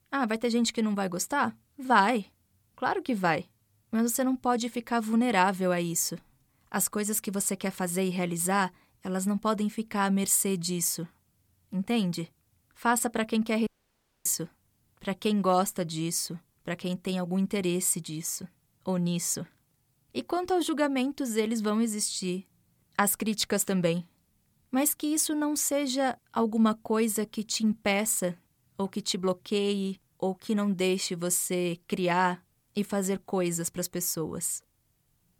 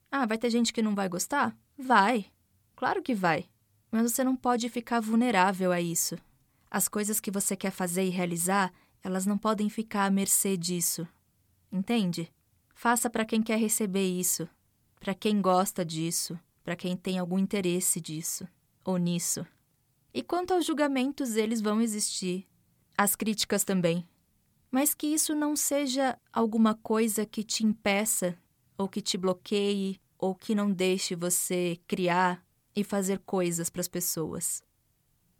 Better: second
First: audio cutting out; at 14 s for 0.5 s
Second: none

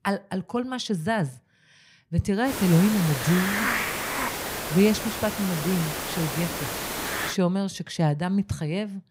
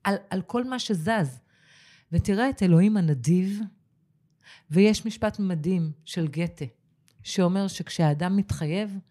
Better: second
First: hiss; loud; from 2.5 to 7.5 s; 3 dB below the speech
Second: none

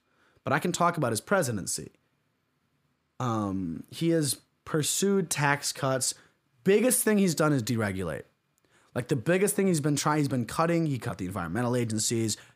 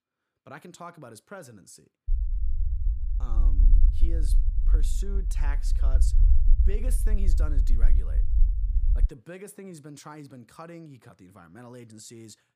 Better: first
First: none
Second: low rumble; loud; from 2 to 9 s; 5 dB below the speech

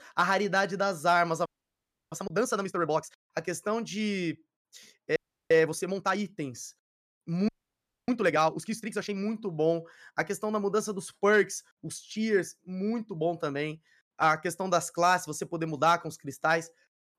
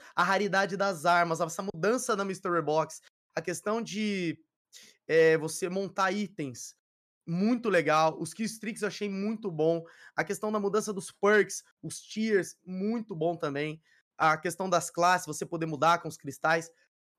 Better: second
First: audio freezing; at 1.5 s for 0.5 s, at 5 s and at 7.5 s for 0.5 s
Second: none

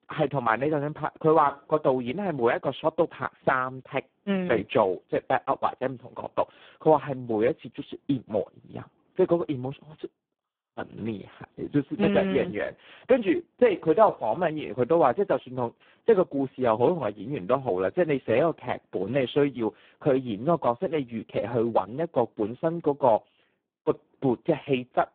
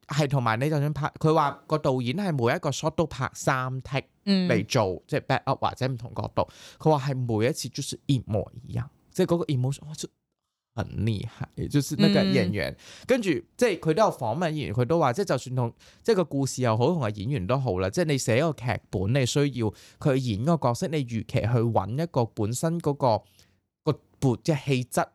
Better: second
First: phone-call audio; poor line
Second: none

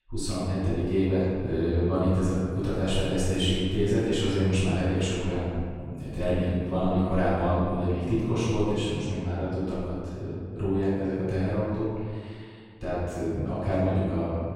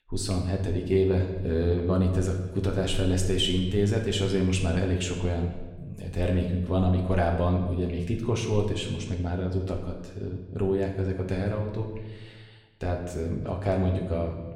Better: second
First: room echo; strong; dies away in 1.9 s // off-mic speech; far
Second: room echo; slight; dies away in 1 s // off-mic speech; somewhat distant

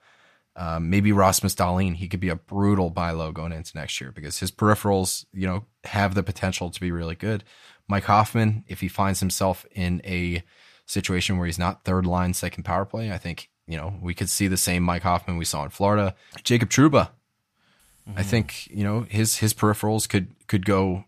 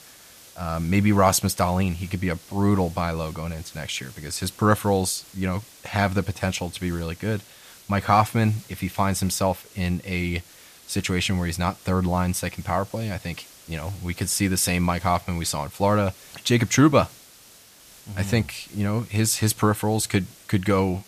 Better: first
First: none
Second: hiss; faint; throughout; 20 dB below the speech

